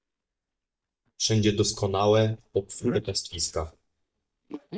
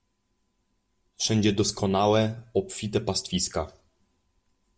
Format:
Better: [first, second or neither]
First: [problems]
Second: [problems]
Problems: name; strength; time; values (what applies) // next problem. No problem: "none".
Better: second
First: noise reduction (neural mask model DeepFilterNet 3)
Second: none